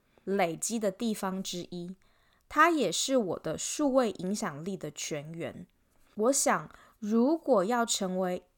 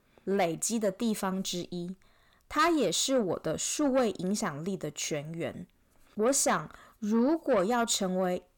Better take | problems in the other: first | distortion; slight; 10 dB below the speech

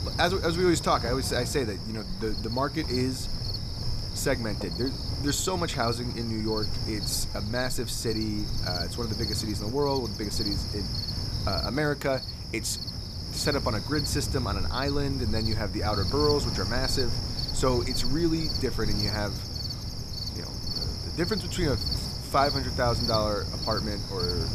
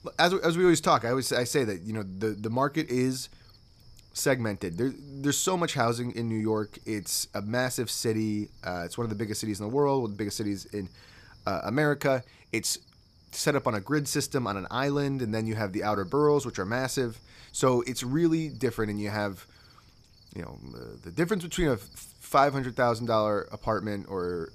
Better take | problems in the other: second | animal sounds; loud; throughout; 1 dB below the speech; faint in the second

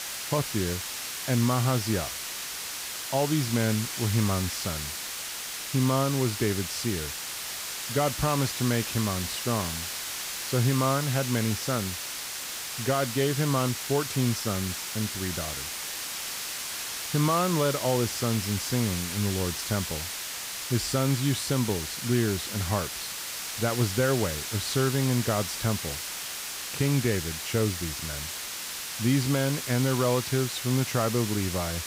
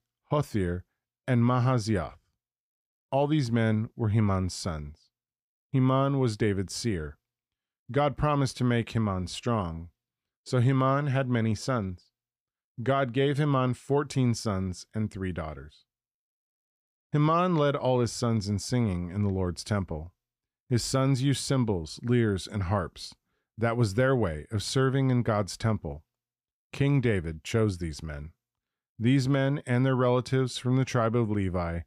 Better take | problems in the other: second | hiss; loud; throughout; 4 dB below the speech

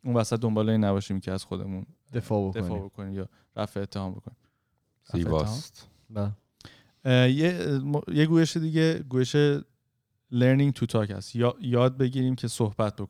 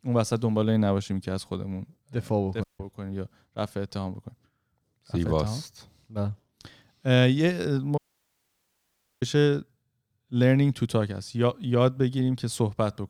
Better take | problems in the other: first | audio cutting out; at 2.5 s and at 8 s for 1 s

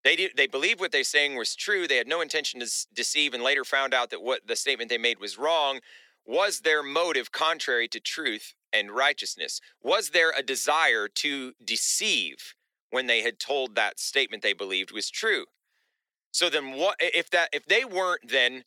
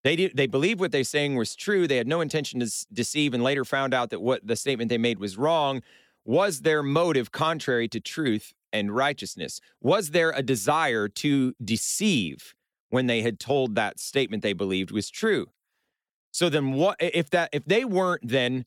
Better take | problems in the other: second | thin; very; fading below 400 Hz

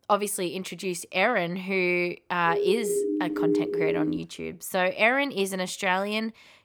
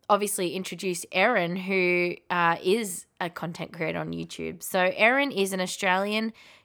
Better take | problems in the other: second | siren; loud; from 2.5 to 4 s; peak 2 dB above the speech

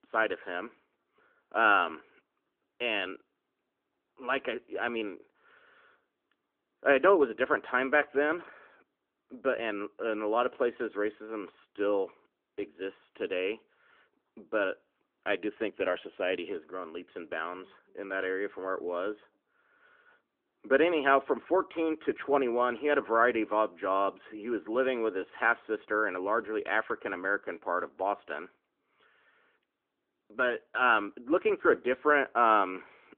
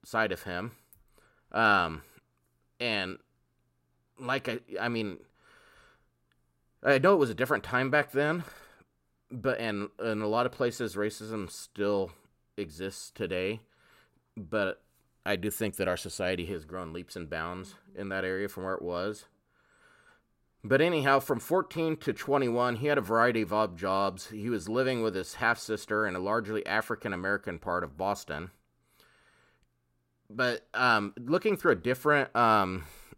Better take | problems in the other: second | phone-call audio

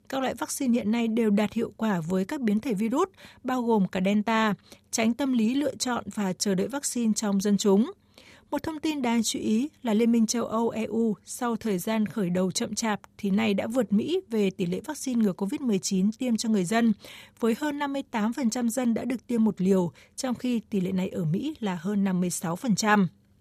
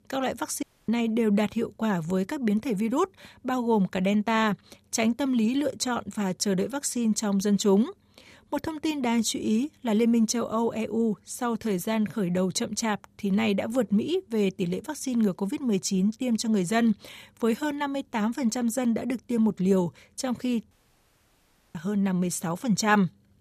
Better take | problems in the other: first | audio cutting out; at 0.5 s and at 21 s for 1 s

